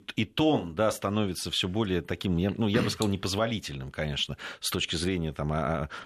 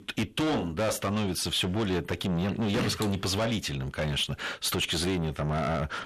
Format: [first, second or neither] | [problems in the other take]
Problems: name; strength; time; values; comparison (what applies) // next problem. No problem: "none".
first | distortion; heavy; 7 dB below the speech